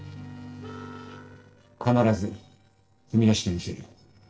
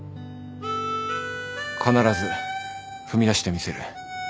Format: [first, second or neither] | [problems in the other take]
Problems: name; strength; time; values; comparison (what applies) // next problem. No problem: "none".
second | noise reduction (neural separator model SepFormer DNS4)